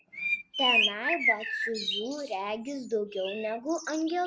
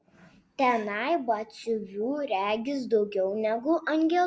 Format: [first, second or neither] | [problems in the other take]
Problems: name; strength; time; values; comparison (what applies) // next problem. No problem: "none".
second | background sound (Bird); 1 dB above the speech